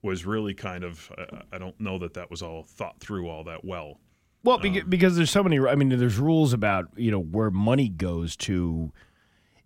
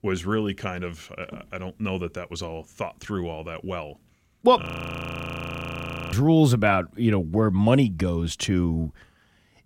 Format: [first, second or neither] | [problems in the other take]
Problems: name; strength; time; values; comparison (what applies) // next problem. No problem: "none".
first | audio freezing; at 4.5 s for 1.5 s